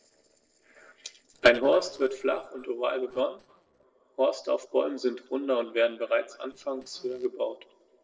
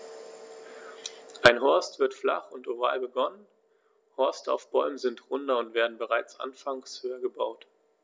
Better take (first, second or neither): second